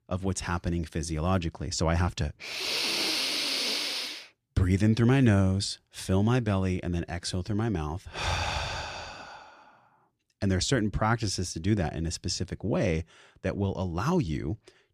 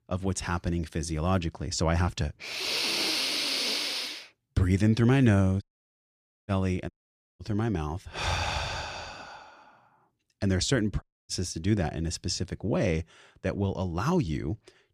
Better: first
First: none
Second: audio cutting out; at 5.5 s for 1 s, at 7 s and at 11 s

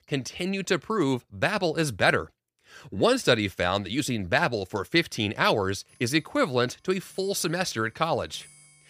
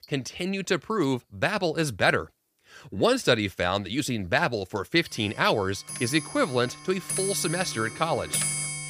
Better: first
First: household noises; faint; throughout; 30 dB below the speech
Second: household noises; loud; throughout; 5 dB below the speech

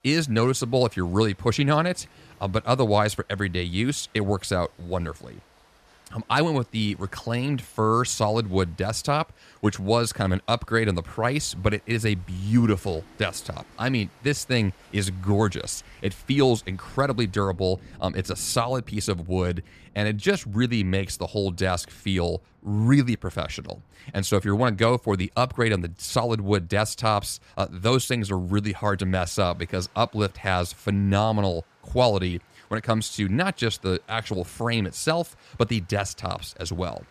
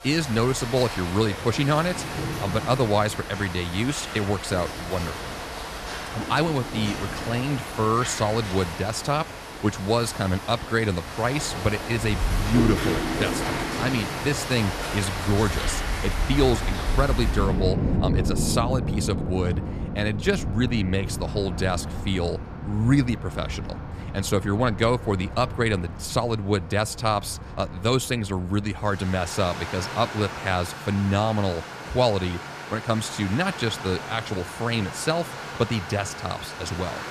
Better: first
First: rain or running water; faint; throughout; 30 dB below the speech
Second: rain or running water; loud; throughout; 5 dB below the speech

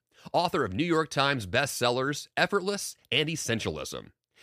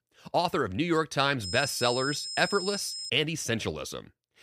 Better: first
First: none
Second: high-pitched whine; loud; from 1.5 to 3 s; 5 kHz, 6 dB below the speech

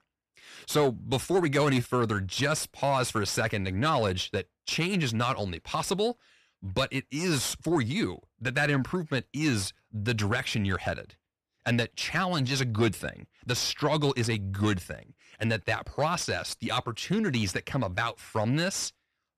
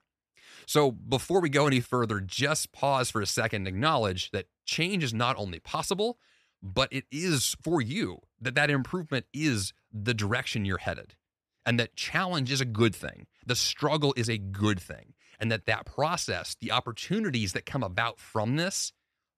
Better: second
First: distortion; slight; 10 dB below the speech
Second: none

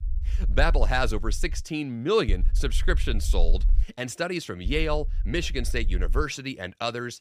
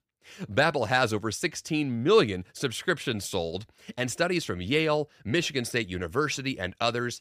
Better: second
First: low rumble; faint; until 1.5 s, from 2.5 to 4 s and from 4.5 to 6 s; 25 dB below the speech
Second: none

